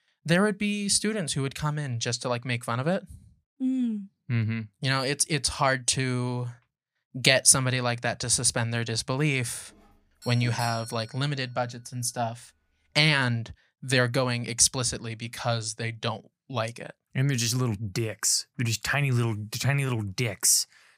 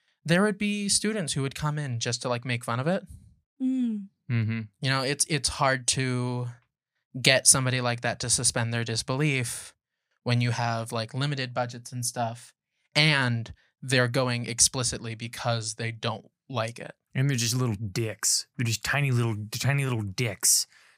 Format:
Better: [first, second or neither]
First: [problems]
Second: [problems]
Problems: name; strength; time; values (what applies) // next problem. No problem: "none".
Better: second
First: doorbell; faint; from 9.5 to 11 s; peak 10 dB below the speech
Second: none